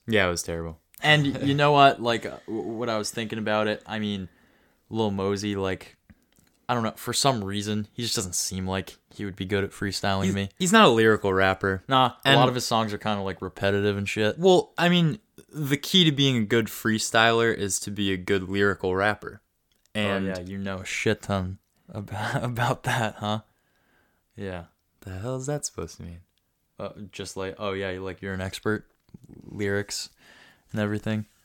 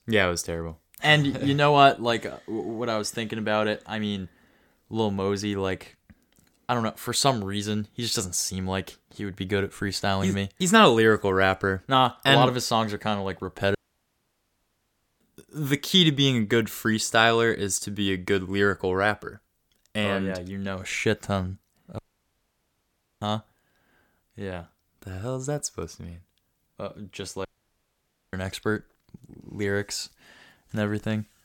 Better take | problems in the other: first | audio cutting out; at 14 s for 1.5 s, at 22 s for 1 s and at 27 s for 1 s

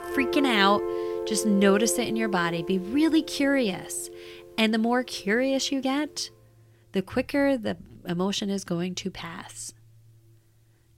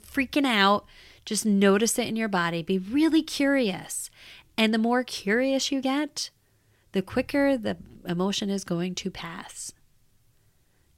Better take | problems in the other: second | background music; loud; throughout; 7 dB below the speech

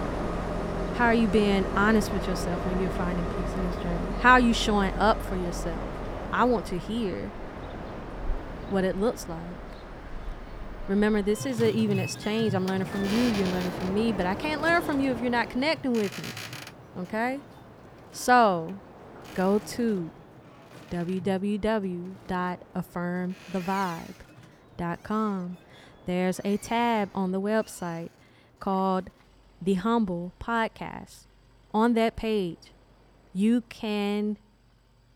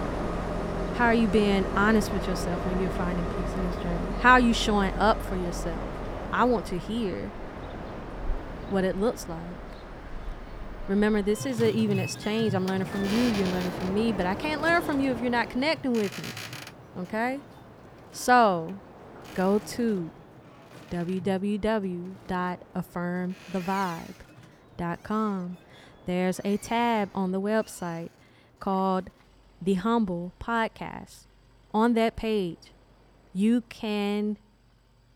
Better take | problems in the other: neither | train or aircraft noise; loud; throughout; 8 dB below the speech; the same in both

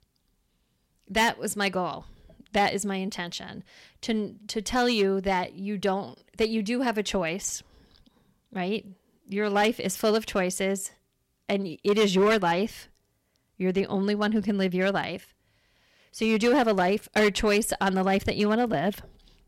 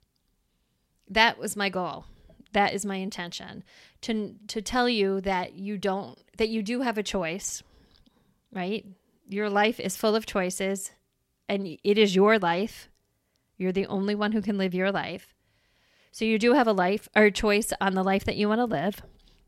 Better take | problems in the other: second | distortion; slight; 3% of the sound clipped

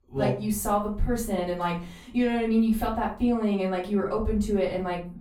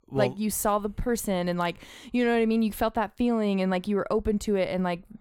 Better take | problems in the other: second | room echo; slight; dies away in 0.4 s // off-mic speech; far

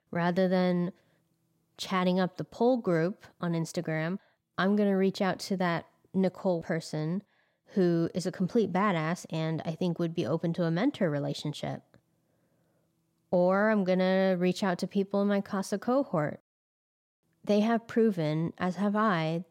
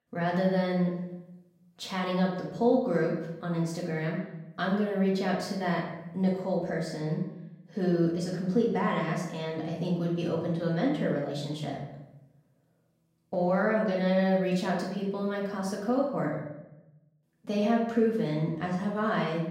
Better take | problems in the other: first | off-mic speech; far // room echo; noticeable; dies away in 0.7 s

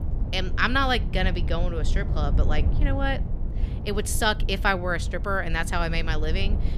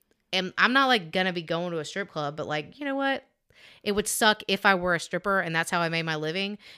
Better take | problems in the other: second | low rumble; noticeable; throughout; 15 dB below the speech

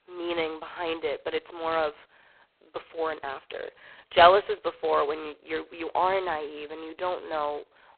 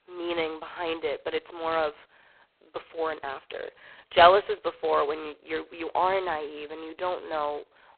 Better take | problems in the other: neither | phone-call audio; poor line; nothing above 4 kHz; the same in both

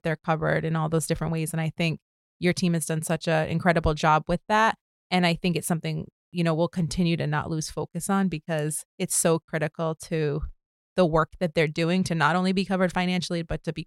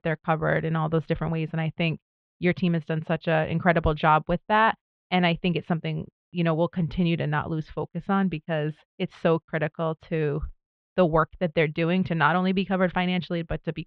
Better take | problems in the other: first | muffled; very; fading above 3.5 kHz

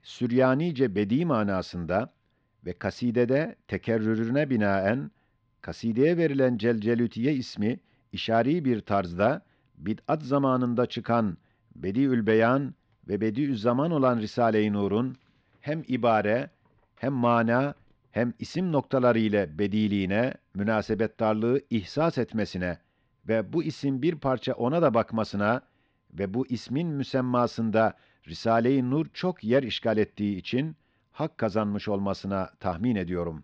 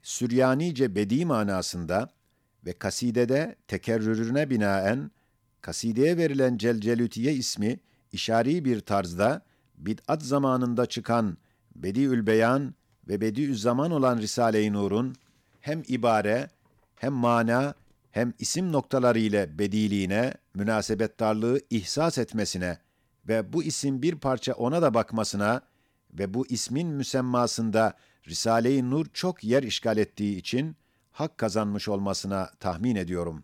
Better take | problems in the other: second | muffled; slightly; fading above 4 kHz

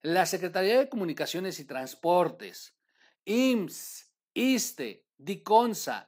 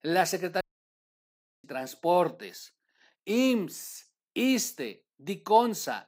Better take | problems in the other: first | audio cutting out; at 0.5 s for 1 s

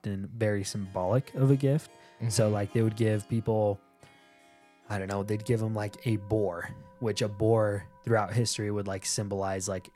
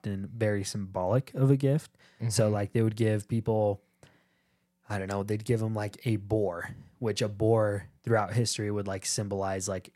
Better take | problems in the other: second | background music; faint; throughout; 25 dB below the speech

